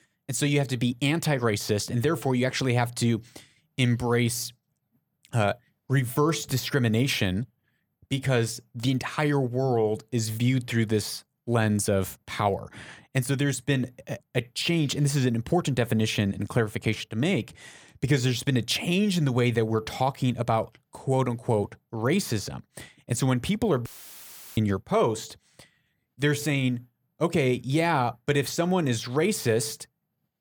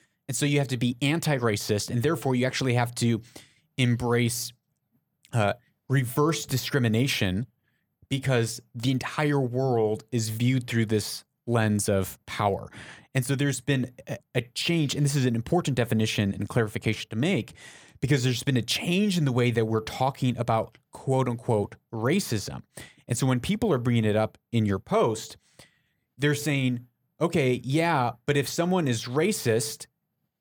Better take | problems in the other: second | audio cutting out; filled with static; at 24 s for 0.5 s

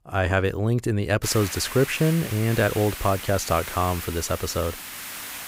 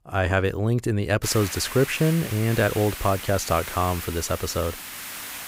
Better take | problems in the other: neither | hiss; loud; from 1 s on; 10 dB below the speech; the same in both

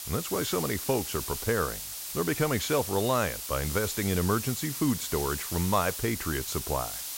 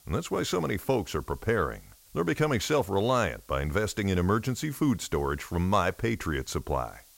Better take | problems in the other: second | hiss; loud; throughout; 5 dB below the speech; faint in the second

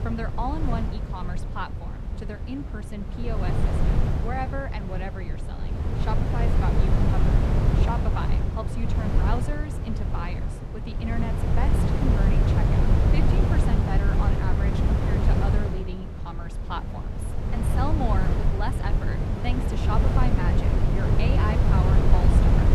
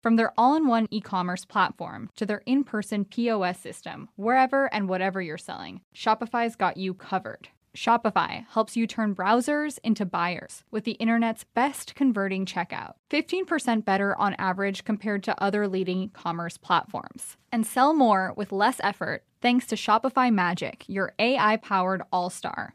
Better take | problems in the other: second | wind noise on the microphone; heavy; 1 dB above the speech

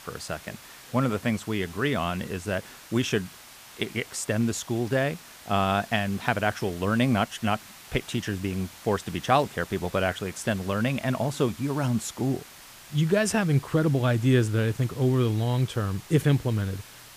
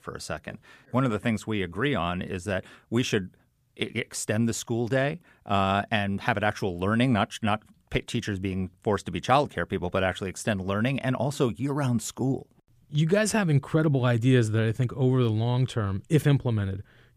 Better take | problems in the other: second | hiss; noticeable; throughout; 20 dB below the speech

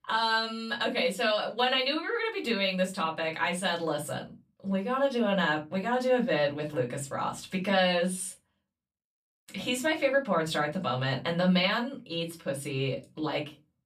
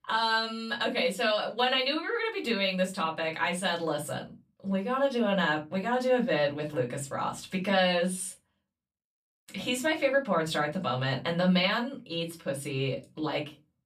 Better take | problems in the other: neither | off-mic speech; far; the same in both // room echo; very slight; dies away in 0.2 s; the same in both

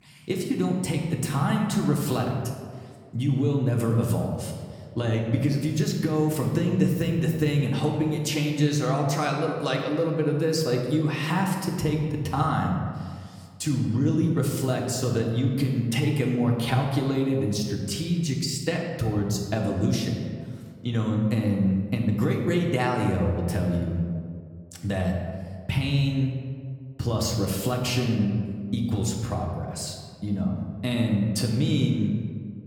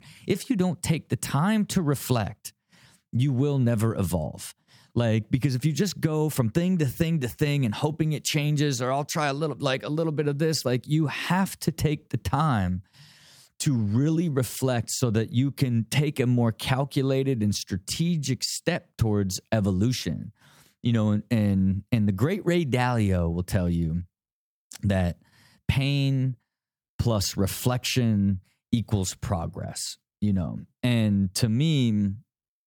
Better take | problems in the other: second | room echo; noticeable; dies away in 1.4 s // off-mic speech; somewhat distant

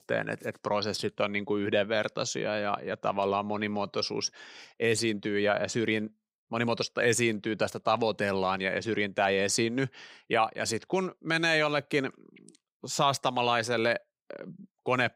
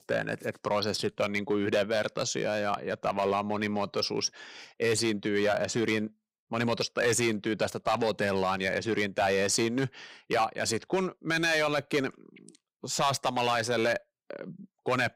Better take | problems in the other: first | distortion; slight; 5% of the sound clipped

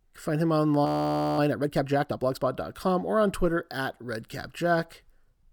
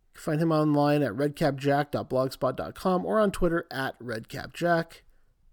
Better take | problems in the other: second | audio freezing; at 1 s for 0.5 s

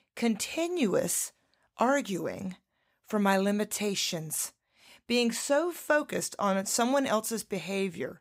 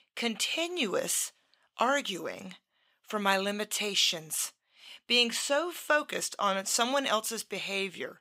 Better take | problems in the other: first | thin; very slightly; fading below 800 Hz

